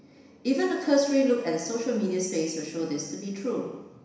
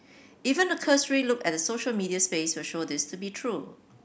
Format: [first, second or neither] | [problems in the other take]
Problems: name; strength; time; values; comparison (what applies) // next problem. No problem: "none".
second | room echo; dies away in 1 s